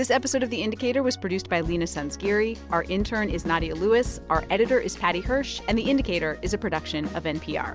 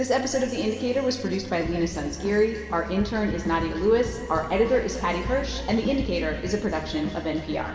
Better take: first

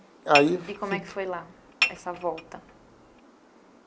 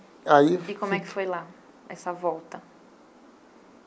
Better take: second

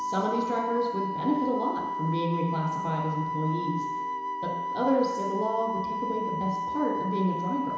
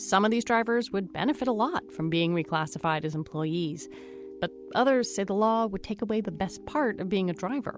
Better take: second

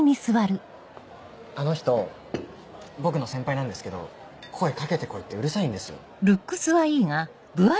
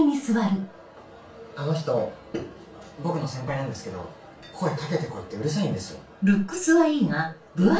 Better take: first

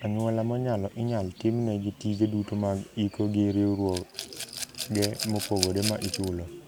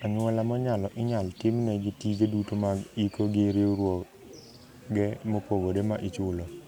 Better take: second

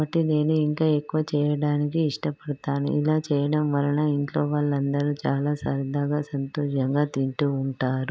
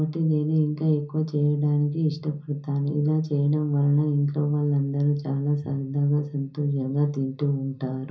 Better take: first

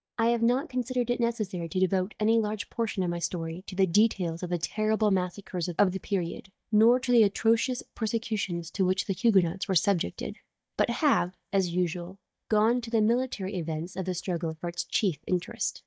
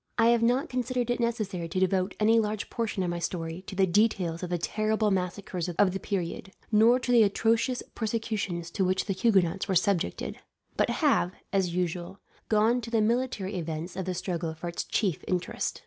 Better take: second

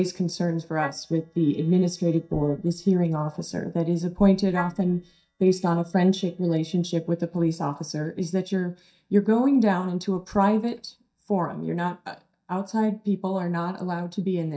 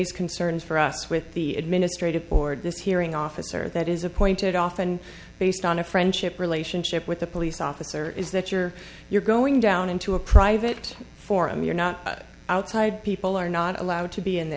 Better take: second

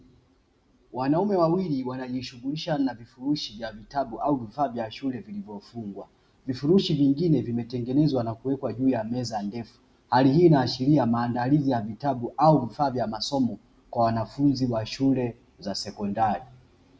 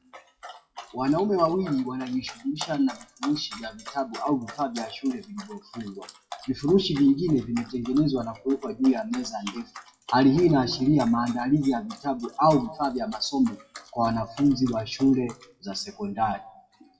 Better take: first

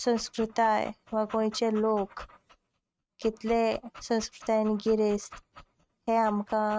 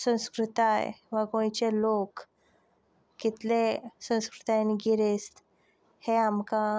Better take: second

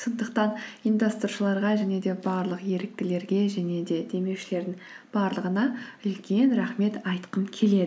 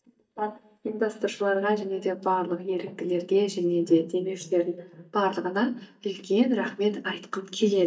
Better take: first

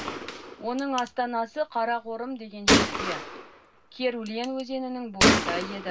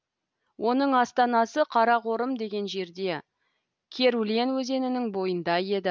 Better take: second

